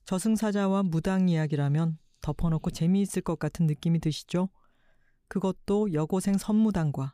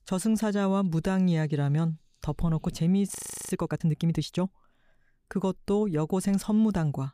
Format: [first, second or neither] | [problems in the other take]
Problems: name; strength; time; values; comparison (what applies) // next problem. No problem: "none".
first | audio freezing; at 3 s